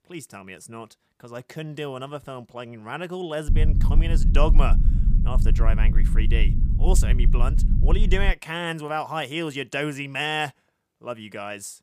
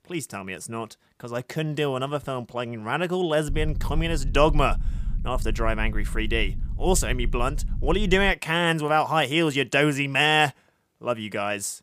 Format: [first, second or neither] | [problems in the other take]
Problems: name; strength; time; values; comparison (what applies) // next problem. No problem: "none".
second | low rumble; loud; from 3.5 to 8.5 s; 10 dB below the speech; faint in the second